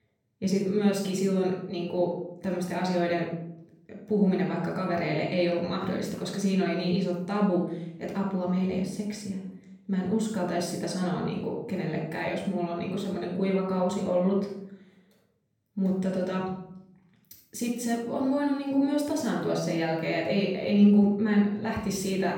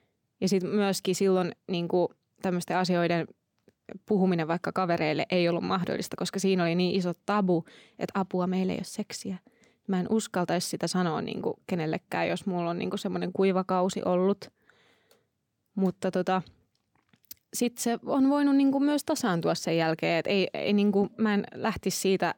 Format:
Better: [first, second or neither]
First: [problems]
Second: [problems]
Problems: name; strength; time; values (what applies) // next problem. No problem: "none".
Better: second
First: off-mic speech; far // room echo; noticeable; dies away in 0.7 s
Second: none